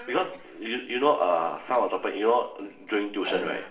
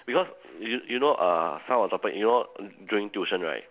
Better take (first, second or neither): second